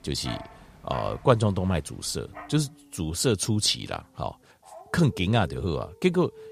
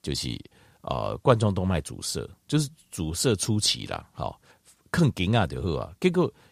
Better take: second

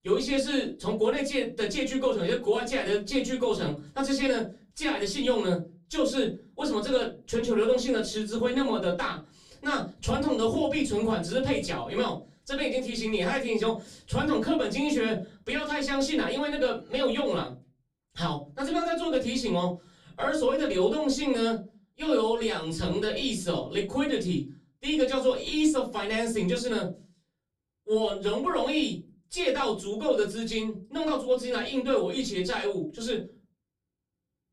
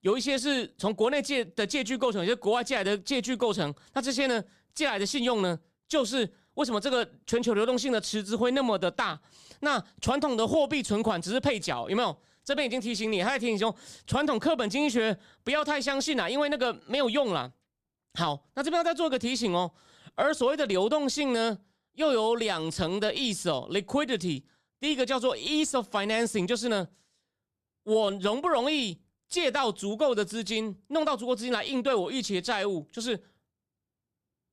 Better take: second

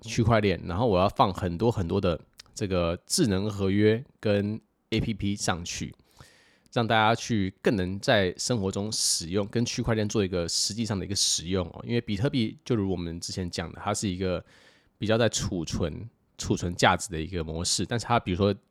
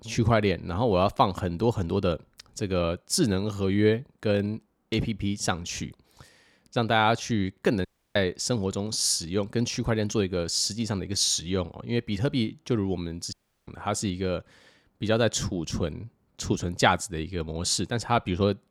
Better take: first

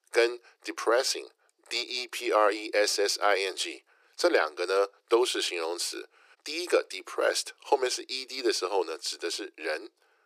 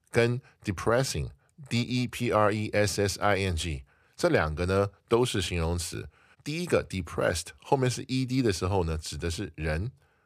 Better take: second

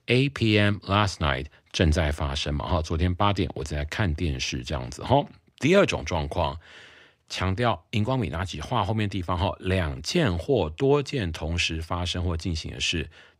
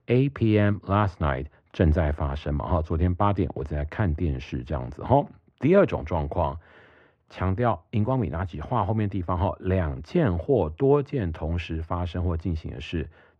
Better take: first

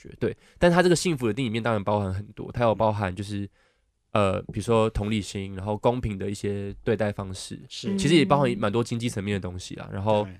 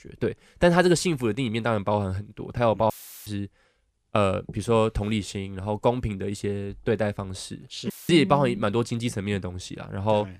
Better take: first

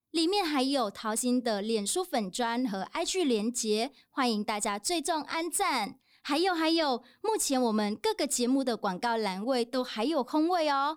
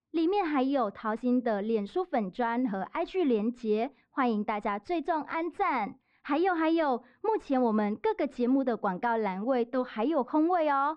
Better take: first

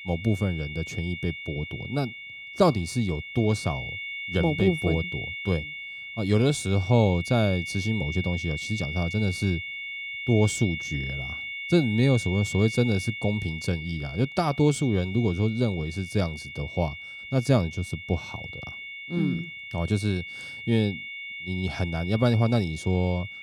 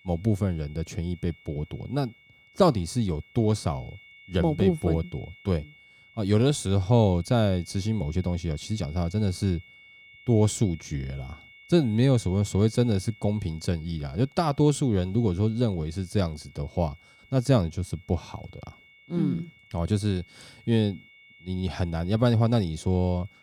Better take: second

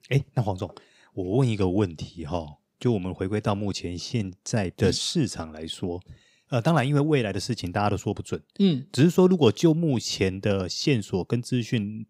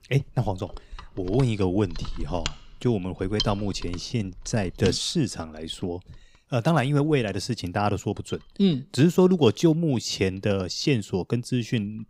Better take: first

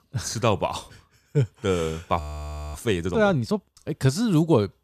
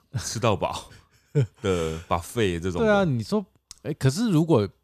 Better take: second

